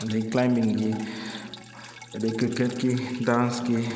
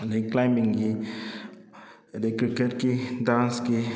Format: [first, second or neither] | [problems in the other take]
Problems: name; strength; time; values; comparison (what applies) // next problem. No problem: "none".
second | background sound (Drip); 18 dB below the speech